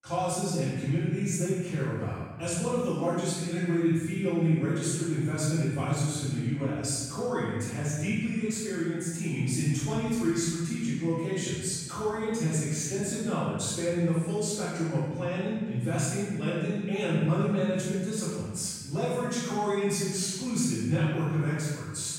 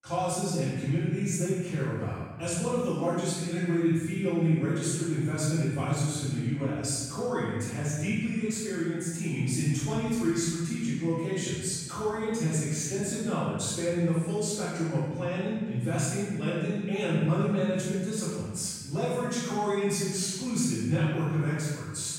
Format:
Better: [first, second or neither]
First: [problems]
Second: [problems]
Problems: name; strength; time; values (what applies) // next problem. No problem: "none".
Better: neither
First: off-mic speech; far // room echo; strong; dies away in 1.5 s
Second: off-mic speech; far // room echo; strong; dies away in 1.5 s